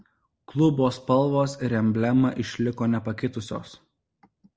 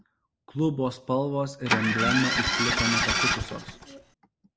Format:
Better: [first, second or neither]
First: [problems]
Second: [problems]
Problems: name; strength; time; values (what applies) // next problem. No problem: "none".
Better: first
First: none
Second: background sound (Engine starting); 3 dB above the speech